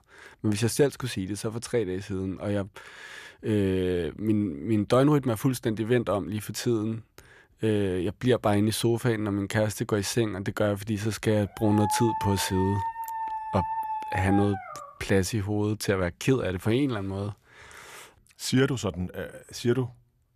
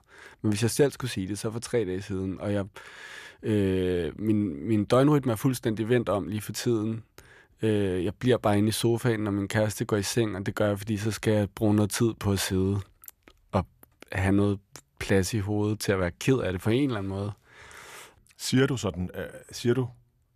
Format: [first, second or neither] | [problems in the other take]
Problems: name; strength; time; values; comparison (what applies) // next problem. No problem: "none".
second | dog barking; noticeable; from 12 to 15 s; peak 2 dB below the speech